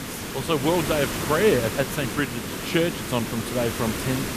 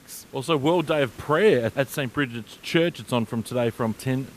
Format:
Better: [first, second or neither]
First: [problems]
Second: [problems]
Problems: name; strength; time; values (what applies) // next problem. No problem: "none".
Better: second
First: hiss; loud; throughout; 4 dB below the speech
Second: hiss; faint; throughout; 25 dB below the speech